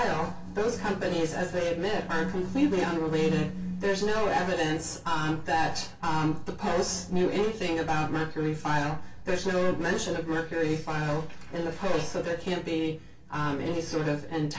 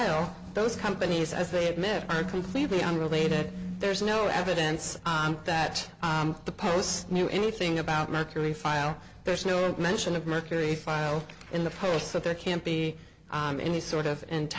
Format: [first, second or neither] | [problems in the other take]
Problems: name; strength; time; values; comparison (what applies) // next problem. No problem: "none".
second | room echo; dies away in 0.2 s